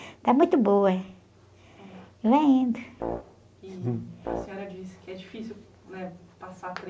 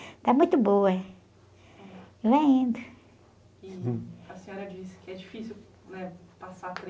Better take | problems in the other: second | background sound (Brass instrument); 10 dB below the speech

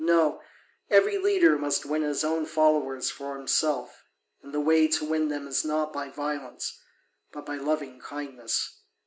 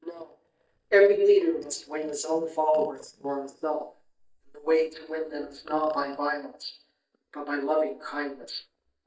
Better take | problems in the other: first | noise reduction (neural mask model DeepFilterNet 3)

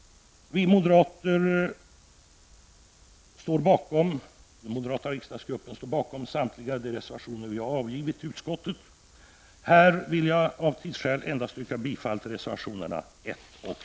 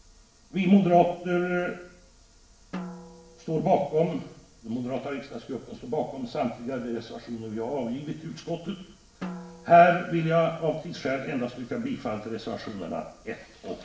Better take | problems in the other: first | background sound (Drum); 16 dB below the speech // room echo; dies away in 0.7 s

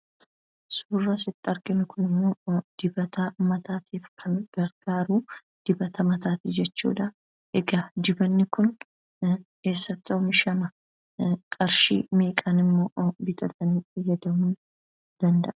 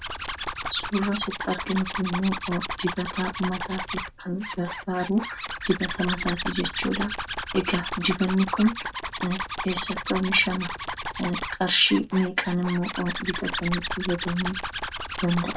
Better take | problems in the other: first | background sound (Zipper (clothing)); 5 dB below the speech // room echo; dies away in 0.2 s

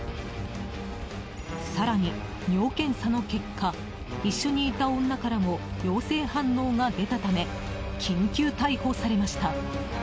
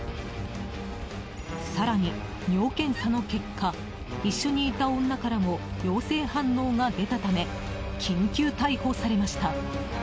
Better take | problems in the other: first | background sound (Wood); 15 dB below the speech

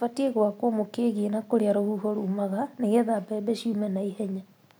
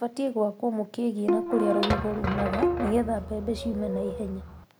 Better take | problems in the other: first | background sound (Bowed string instrument + Squeak / Thump, thud); 1 dB below the speech

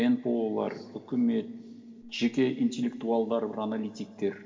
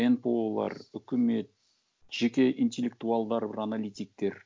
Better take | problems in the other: second | room echo; dies away in 2 s

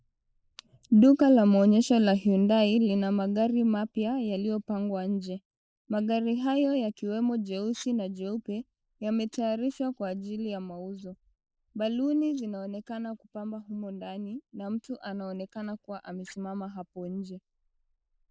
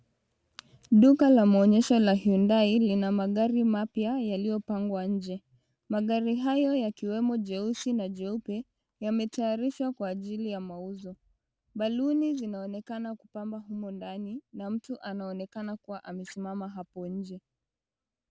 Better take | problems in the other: second | noise reduction (neural mask model Resemble Enhance denoiser)

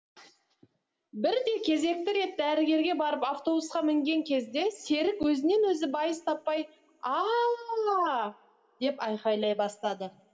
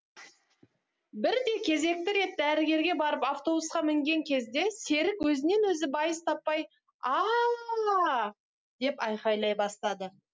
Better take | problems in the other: second | room echo; dies away in 0.7 s

